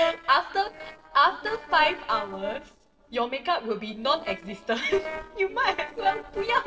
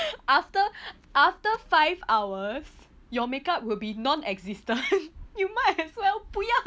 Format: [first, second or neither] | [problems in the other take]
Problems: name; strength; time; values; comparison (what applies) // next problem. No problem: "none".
second | noise reduction (neural separator model SepFormer DNS4)